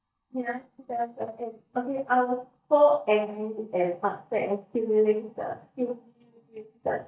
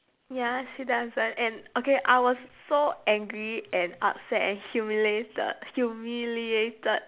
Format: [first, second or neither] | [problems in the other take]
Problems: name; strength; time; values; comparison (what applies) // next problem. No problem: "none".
second | noise reduction (neural mask model DeepFilterNet 3)